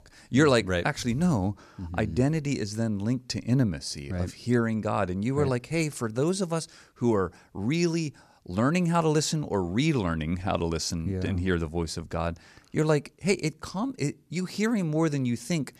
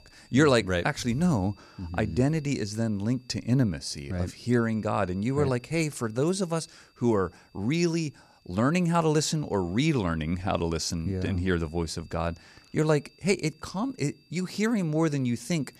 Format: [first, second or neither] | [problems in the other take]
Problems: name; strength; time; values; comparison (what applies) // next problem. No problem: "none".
first | high-pitched whine; faint; throughout; 4.5 kHz, 30 dB below the speech